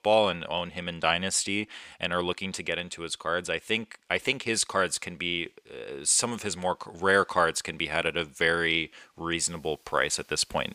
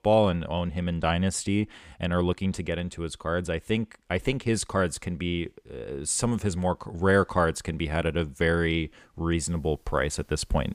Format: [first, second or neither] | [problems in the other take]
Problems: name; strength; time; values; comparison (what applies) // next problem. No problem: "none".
second | thin; somewhat; fading below 750 Hz